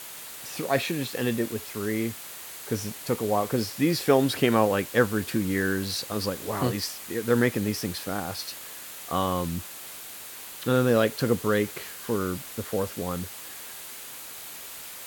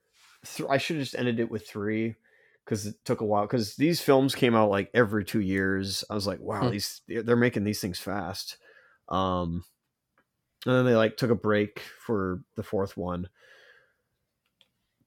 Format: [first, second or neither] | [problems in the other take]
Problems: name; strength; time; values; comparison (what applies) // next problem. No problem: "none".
second | hiss; noticeable; throughout; 10 dB below the speech